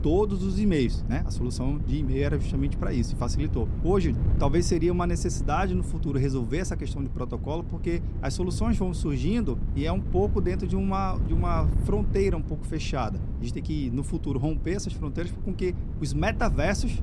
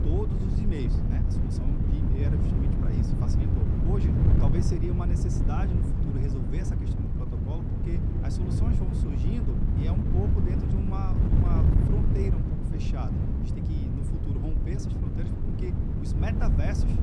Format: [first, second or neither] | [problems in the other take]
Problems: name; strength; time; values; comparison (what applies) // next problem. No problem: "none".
first | wind noise on the microphone; heavy; 3 dB above the speech; occasional gusts in the first